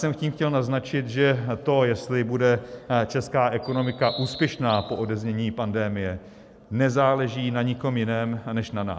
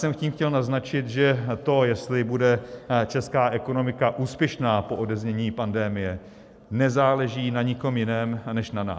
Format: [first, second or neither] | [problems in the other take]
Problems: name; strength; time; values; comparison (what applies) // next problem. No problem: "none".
second | background sound (Bird vocalization, bird call, bird song); 15 dB below the speech